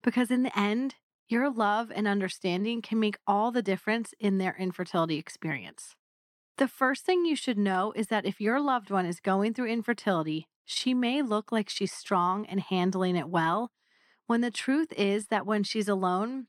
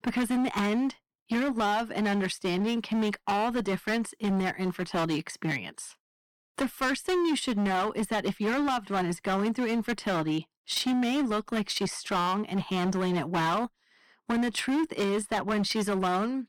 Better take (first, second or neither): first